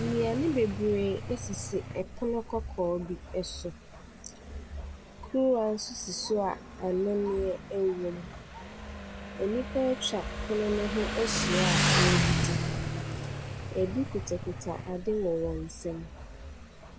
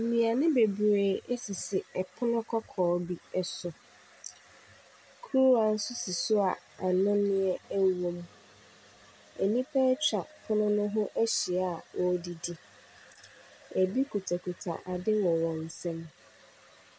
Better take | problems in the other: second | background sound (Motorcycle); 2 dB below the speech

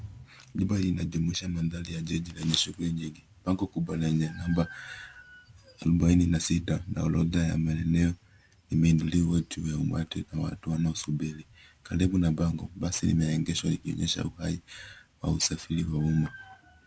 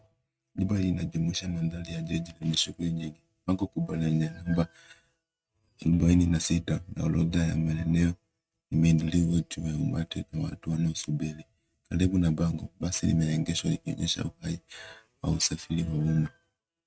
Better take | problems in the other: first | noise reduction (neural mask model RNNoise)

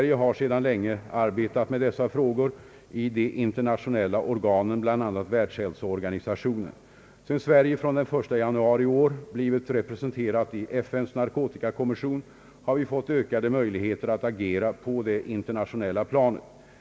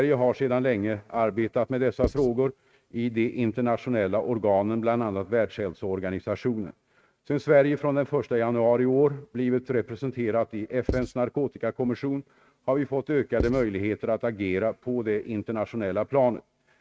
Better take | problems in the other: first | noise reduction (neural mask model RNNoise)

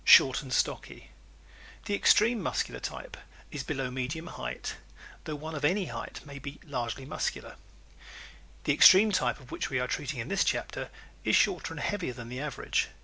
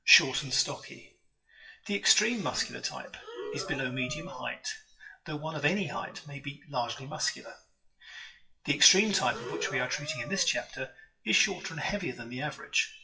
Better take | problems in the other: first | noise reduction (classical method WPE with log-MMSE)

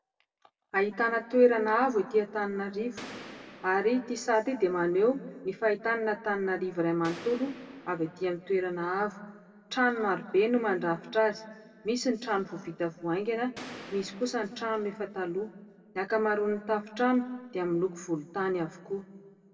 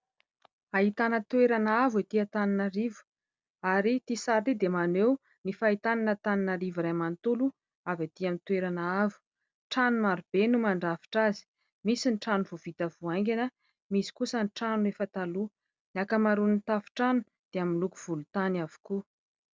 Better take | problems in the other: second | background sound (Gunshot, gunfire); 17 dB below the speech // room echo; dies away in 1 s

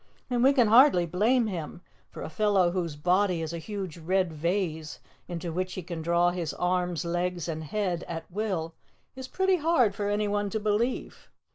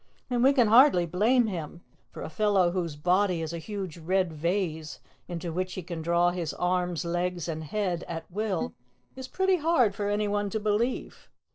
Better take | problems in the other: first | noise reduction (neural separator model SepFormer DNS4)

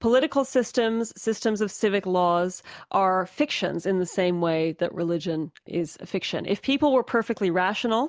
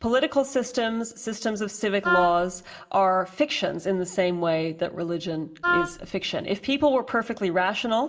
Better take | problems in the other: first | background sound (Wind instrument, woodwind instrument); 2 dB below the speech // room echo; dies away in 0.3 s

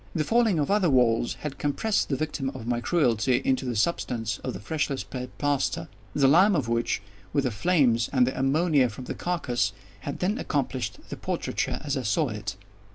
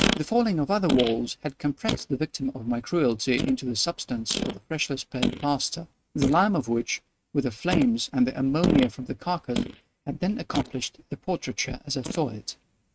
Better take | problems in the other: first | noise reduction (neural mask model RNNoise)

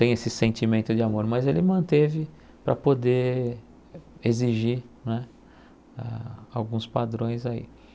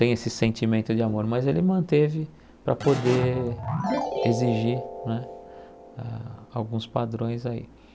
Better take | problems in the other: first | background sound (Keyboard (musical)); 9 dB below the speech

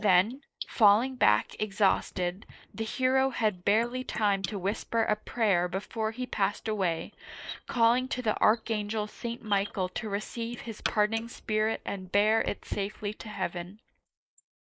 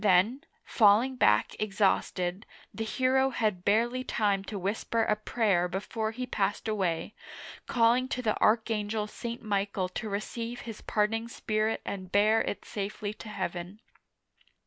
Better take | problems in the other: second | noise reduction (neural mask model Resemble Enhance denoiser)

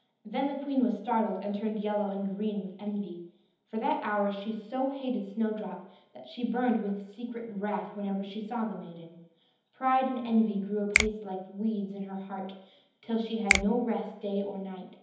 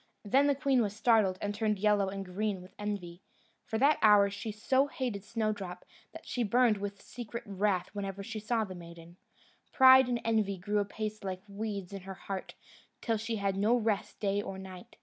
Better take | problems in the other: second | background sound (Finger snapping); 1 dB below the speech // room echo; dies away in 1.3 s

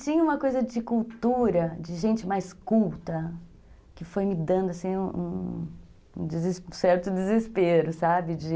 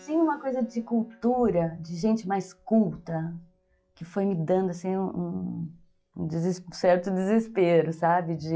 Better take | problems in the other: first | noise reduction (classical method log-MMSE)

